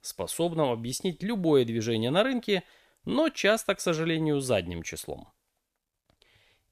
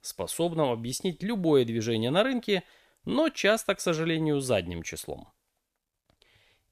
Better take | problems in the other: neither | none

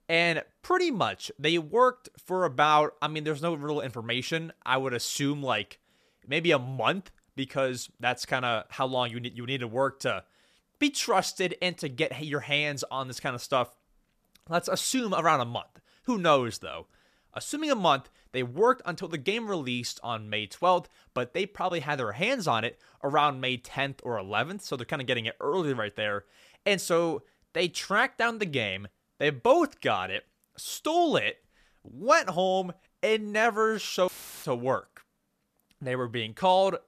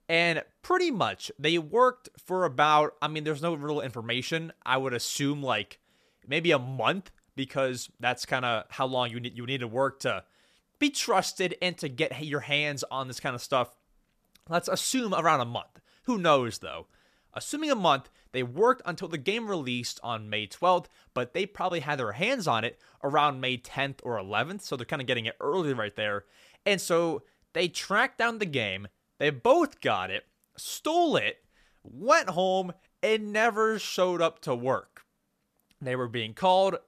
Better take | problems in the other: second | audio cutting out; filled with static; at 34 s

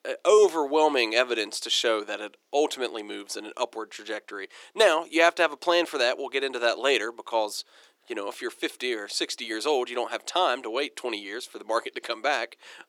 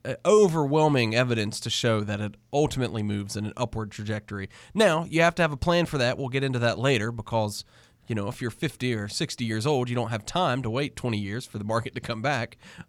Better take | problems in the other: second | thin; very; fading below 350 Hz

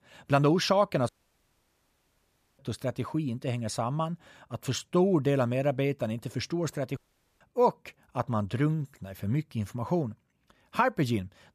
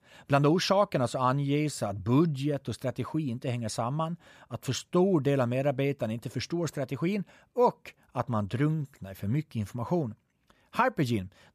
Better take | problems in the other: second | audio cutting out; at 1 s for 1.5 s and at 7 s

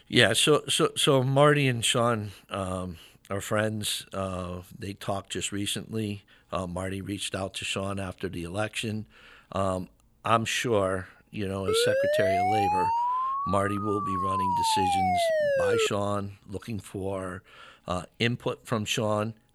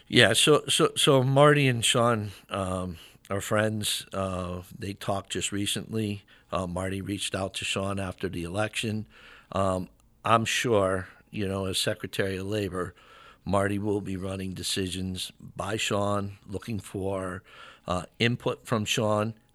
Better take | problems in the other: second | siren; loud; from 12 to 16 s; peak 3 dB above the speech

